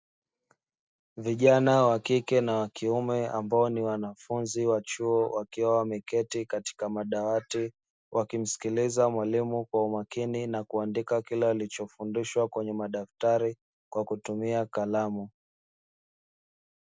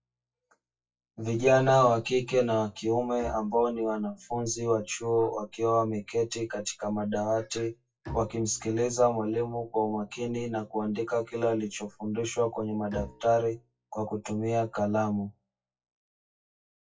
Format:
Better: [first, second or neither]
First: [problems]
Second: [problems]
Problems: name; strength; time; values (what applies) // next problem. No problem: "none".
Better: first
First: none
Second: noise reduction (classical method WPE with log-MMSE)